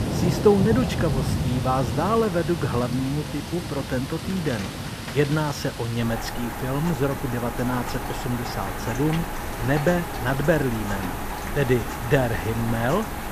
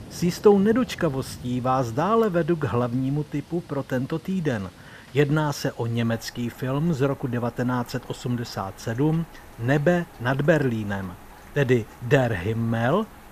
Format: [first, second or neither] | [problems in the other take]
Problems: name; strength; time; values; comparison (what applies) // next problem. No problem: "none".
second | rain or running water; loud; throughout; 5 dB below the speech; faint in the second